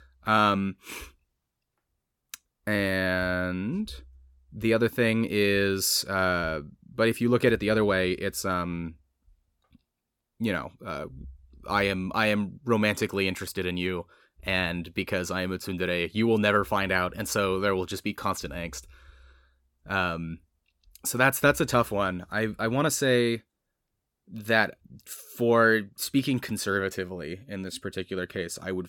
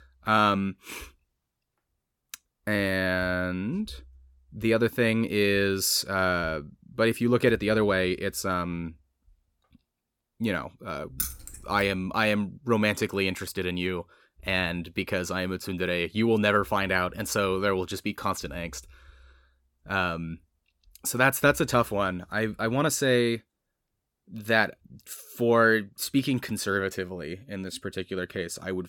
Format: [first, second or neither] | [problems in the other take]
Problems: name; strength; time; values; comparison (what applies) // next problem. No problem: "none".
first | jangling keys; noticeable; at 11 s; peak 5 dB below the speech